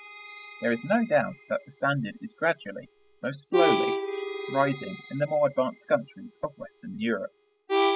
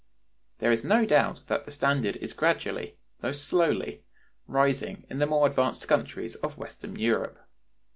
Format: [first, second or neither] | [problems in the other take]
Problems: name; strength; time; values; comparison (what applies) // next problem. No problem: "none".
second | noise reduction (classical method spectral subtraction)